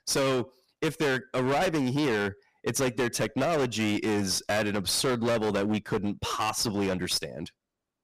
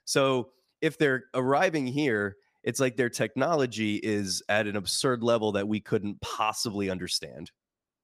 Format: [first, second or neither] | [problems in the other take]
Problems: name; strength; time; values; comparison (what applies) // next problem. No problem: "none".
second | distortion; heavy; 22% of the sound clipped